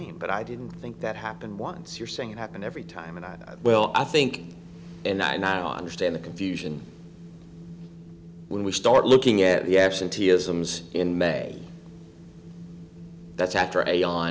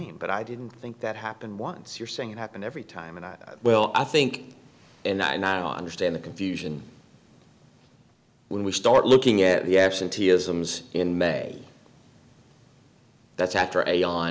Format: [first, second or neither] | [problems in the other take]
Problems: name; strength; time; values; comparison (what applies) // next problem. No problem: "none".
second | background sound (Wind); 17 dB below the speech